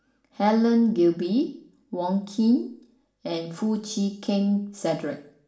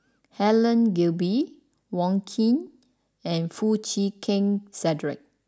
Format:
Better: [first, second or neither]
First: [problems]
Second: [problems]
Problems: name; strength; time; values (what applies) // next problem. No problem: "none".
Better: second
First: room echo; dies away in 0.5 s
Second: none